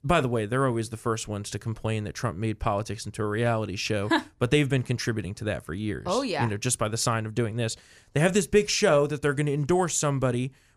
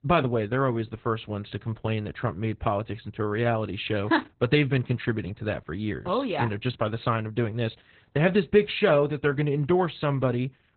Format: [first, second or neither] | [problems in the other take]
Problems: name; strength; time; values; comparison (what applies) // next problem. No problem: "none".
first | garbled, watery; badly; nothing above 4 kHz